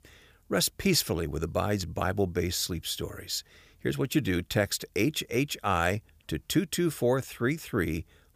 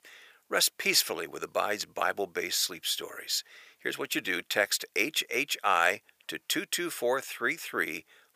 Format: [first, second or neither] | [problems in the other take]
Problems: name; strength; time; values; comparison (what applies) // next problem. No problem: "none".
first | thin; very; fading below 550 Hz